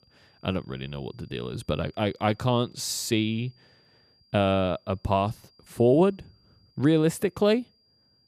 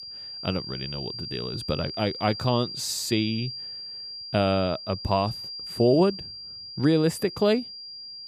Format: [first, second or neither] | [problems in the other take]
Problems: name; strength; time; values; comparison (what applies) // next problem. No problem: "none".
first | high-pitched whine; loud; throughout; 4.5 kHz, 9 dB below the speech; faint in the first